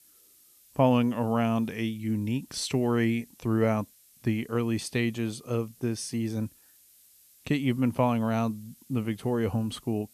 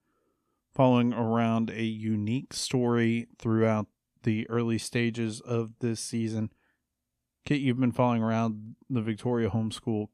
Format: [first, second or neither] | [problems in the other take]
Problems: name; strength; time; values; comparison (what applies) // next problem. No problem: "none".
second | hiss; faint; throughout; 25 dB below the speech